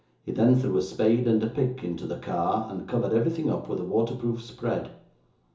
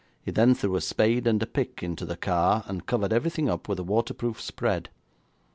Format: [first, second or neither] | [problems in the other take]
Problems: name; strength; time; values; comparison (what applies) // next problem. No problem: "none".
second | room echo; dies away in 0.7 s